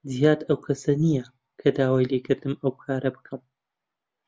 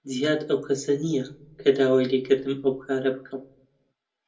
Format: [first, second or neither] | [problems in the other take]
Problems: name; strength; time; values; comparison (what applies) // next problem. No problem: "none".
first | room echo; dies away in 0.2 s